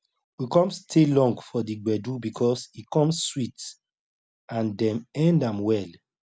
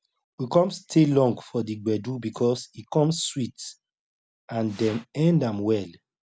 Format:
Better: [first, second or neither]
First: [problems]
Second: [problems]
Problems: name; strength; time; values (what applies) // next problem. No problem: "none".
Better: first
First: none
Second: background sound (Fire); 18 dB below the speech